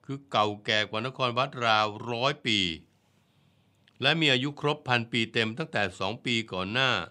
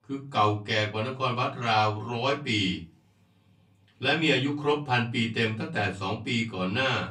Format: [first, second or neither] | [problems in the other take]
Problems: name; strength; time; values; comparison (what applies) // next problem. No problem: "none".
first | off-mic speech; far // room echo; very slight; dies away in 0.3 s